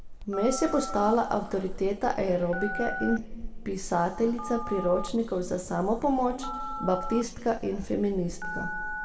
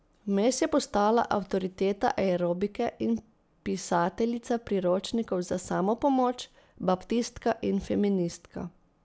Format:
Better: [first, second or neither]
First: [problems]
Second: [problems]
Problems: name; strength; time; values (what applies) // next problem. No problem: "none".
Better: second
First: background sound (Telephone); 8 dB below the speech // room echo; dies away in 1.7 s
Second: none